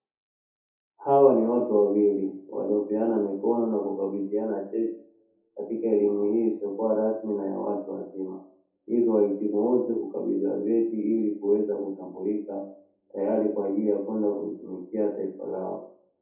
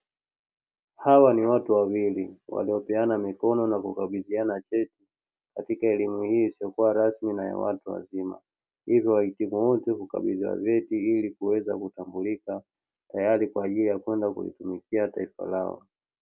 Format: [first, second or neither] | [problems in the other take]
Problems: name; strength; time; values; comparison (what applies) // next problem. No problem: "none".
second | room echo; dies away in 0.5 s